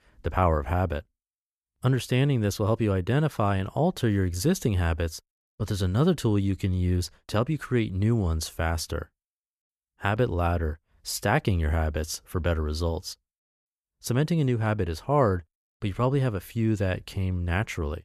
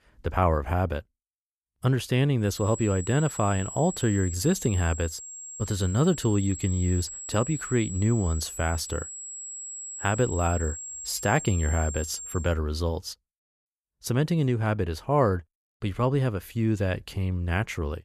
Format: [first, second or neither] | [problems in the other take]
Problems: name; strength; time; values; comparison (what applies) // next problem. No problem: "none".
first | high-pitched whine; loud; from 2.5 to 12 s; 7.5 kHz, 9 dB below the speech